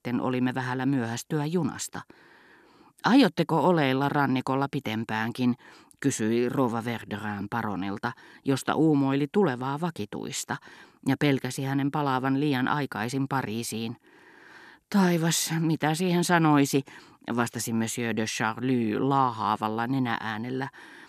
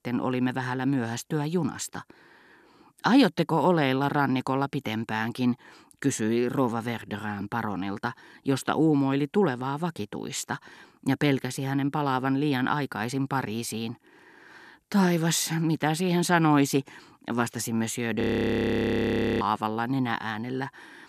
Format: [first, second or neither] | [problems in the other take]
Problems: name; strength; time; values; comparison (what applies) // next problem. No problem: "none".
first | audio freezing; at 18 s for 1 s